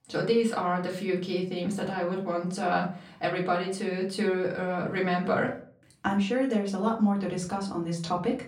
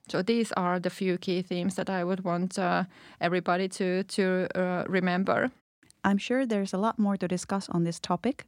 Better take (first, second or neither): second